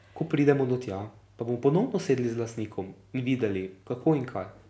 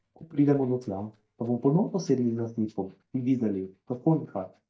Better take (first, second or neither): first